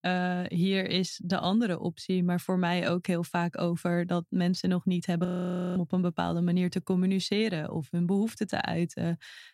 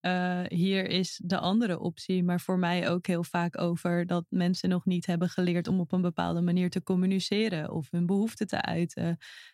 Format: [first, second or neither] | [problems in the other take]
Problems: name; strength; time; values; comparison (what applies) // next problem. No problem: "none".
second | audio freezing; at 5.5 s for 0.5 s